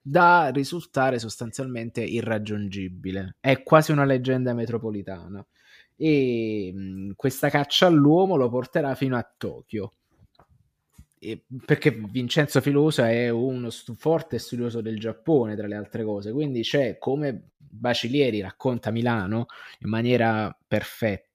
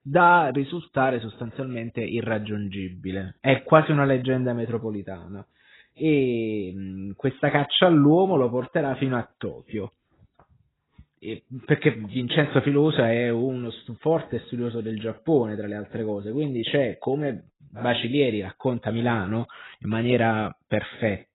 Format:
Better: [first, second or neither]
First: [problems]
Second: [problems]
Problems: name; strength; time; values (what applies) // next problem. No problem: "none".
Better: first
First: none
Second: garbled, watery; badly; nothing above 4 kHz